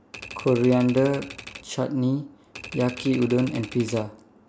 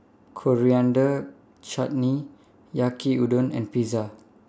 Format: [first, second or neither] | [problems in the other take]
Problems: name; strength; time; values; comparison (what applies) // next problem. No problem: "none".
second | background sound (Typewriter); 16 dB below the speech